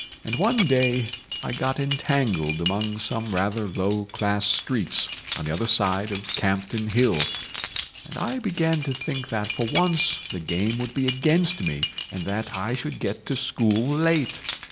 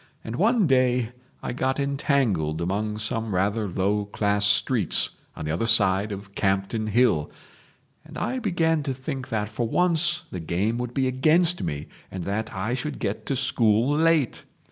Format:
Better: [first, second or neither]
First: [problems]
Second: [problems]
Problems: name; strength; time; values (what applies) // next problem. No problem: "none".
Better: second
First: background sound (Keys jangling); 9 dB below the speech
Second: none